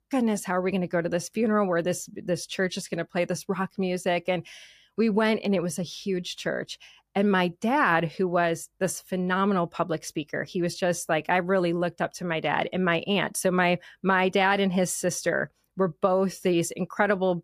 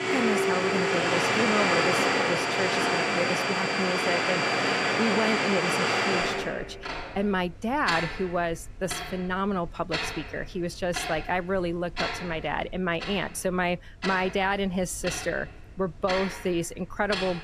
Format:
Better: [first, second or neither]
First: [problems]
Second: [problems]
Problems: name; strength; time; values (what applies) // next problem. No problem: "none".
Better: first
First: none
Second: household noises; very loud; throughout; 3 dB above the speech